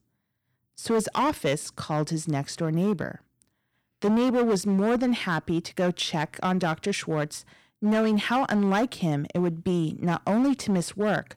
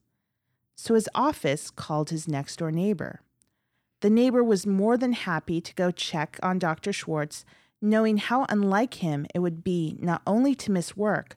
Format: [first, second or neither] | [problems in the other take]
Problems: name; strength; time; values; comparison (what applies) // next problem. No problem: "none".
second | distortion; slight; 10% of the sound clipped